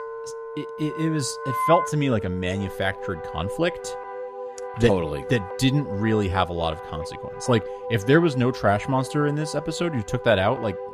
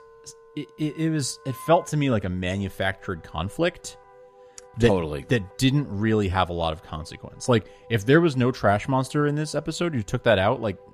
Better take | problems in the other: second | background music; loud; throughout; 9 dB below the speech; faint in the second

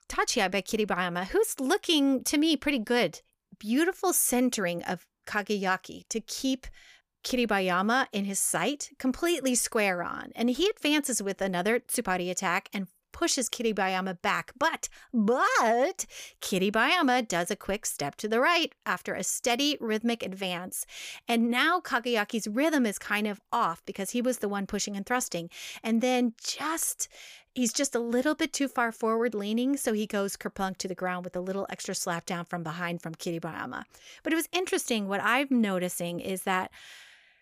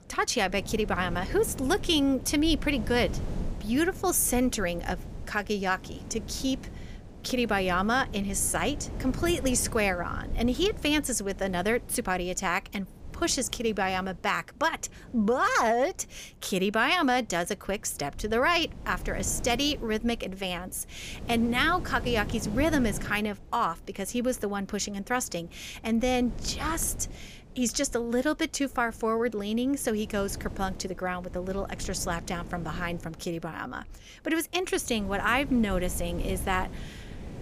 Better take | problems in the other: first | wind noise on the microphone; occasional gusts; 20 dB below the speech

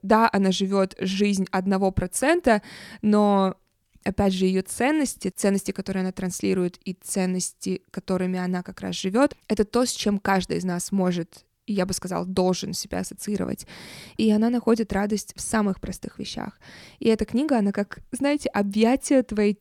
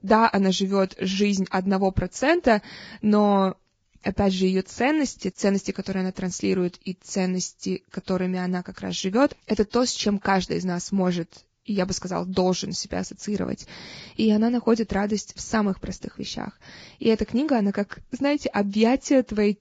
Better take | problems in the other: first | garbled, watery; badly; nothing above 7.5 kHz

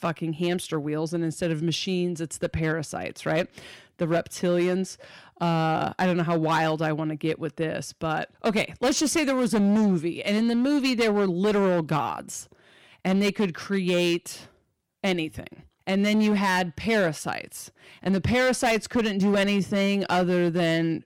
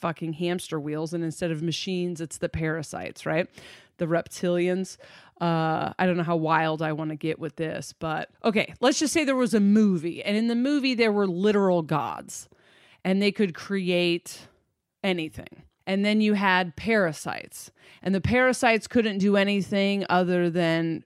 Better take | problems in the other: second | distortion; slight; 10% of the sound clipped

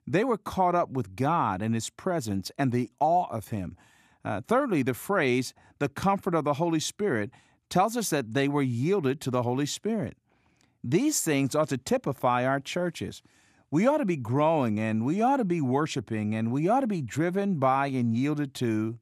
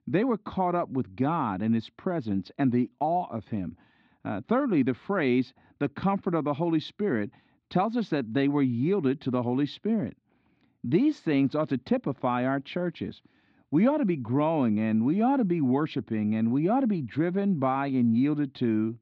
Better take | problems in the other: first | muffled; slightly; fading above 4 kHz

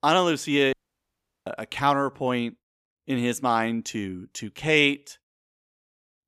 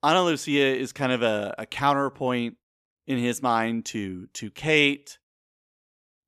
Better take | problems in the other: second | audio cutting out; at 0.5 s for 0.5 s

